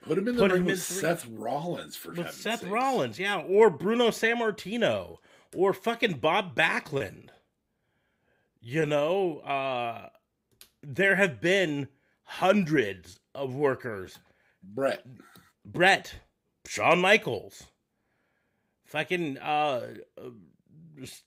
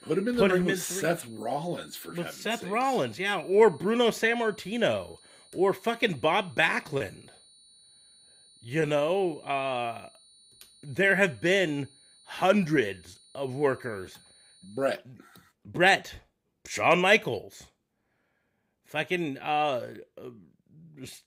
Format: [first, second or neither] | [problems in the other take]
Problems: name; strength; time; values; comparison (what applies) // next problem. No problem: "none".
first | high-pitched whine; faint; until 15 s; 4 kHz, 30 dB below the speech